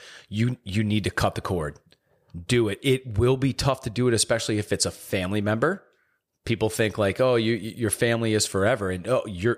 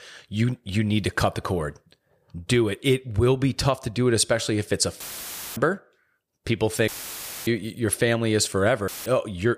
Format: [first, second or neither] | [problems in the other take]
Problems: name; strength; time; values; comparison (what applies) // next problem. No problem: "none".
first | audio cutting out; filled with static; at 5 s for 0.5 s, at 7 s for 0.5 s and at 9 s